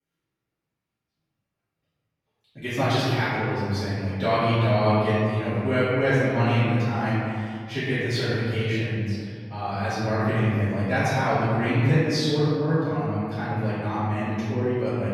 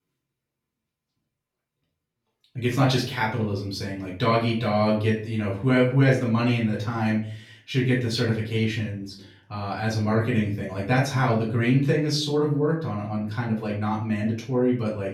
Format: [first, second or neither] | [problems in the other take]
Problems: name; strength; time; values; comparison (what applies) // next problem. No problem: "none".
second | room echo; strong; dies away in 2.3 s; slight in the second // off-mic speech; far; far in the second